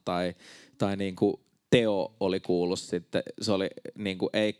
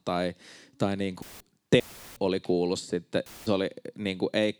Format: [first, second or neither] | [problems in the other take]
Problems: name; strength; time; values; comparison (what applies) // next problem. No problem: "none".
first | audio cutting out; filled with static; at 1 s, at 2 s and at 3.5 s